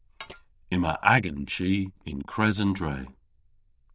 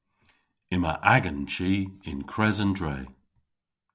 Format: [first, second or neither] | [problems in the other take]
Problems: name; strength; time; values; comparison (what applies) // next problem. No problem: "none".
second | noise reduction (neural diffusion model UNIVERSE++)